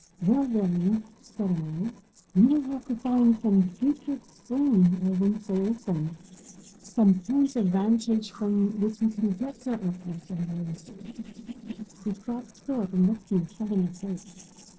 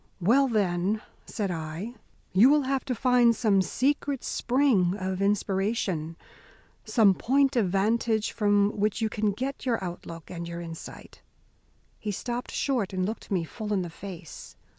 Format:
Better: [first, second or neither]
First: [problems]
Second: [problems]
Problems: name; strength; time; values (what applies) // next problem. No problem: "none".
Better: second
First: noise reduction (neural separator model SepFormer DNS4)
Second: none